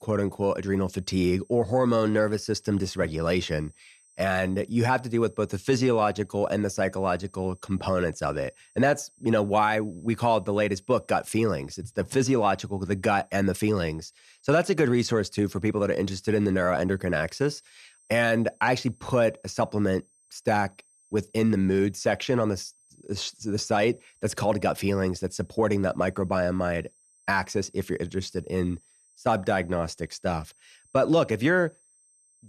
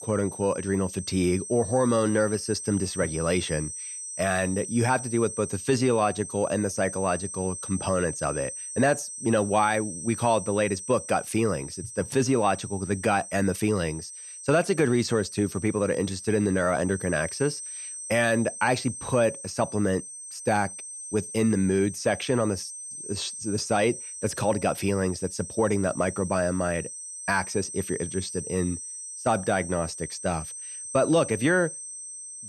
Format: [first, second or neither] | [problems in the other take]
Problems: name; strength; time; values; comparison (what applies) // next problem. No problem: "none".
first | high-pitched whine; loud; throughout; 8.5 kHz, 9 dB below the speech; faint in the first